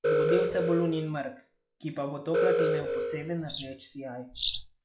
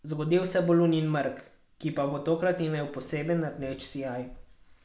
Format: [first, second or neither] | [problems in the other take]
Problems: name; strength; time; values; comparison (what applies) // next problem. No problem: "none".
second | noise reduction (classical method log-MMSE)